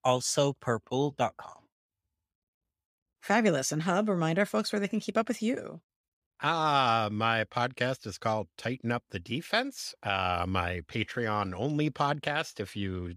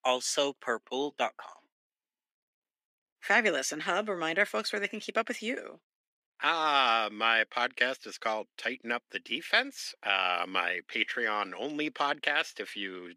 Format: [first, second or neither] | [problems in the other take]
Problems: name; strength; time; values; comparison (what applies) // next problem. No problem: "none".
first | thin; somewhat; fading below 250 Hz